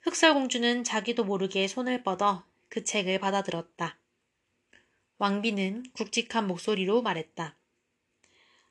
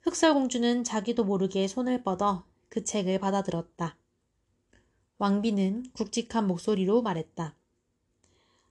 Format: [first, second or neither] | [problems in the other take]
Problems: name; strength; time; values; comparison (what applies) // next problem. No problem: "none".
second | thin; very slightly; fading below 250 Hz